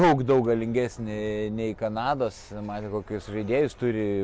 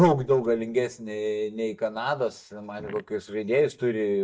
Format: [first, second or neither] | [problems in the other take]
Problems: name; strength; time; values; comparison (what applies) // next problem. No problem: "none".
first | noise reduction (neural mask model DeepFilterNet 3)